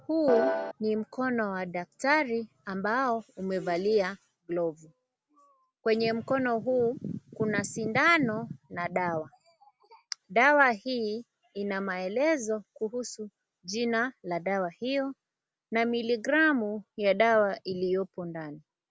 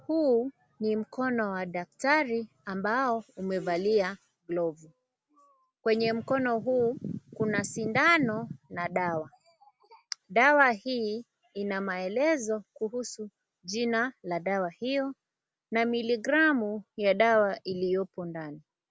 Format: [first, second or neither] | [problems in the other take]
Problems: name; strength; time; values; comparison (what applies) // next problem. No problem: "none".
second | background sound (Piano); 2 dB above the speech